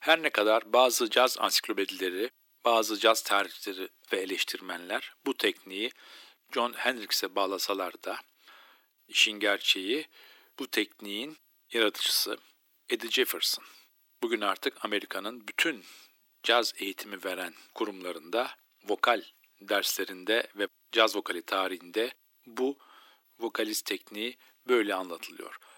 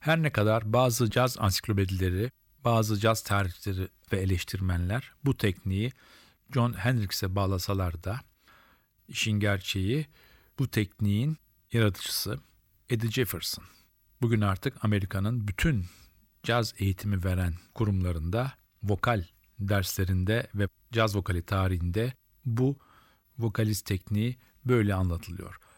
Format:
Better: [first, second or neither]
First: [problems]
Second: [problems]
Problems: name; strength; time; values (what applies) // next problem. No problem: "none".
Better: second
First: thin; very; fading below 300 Hz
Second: none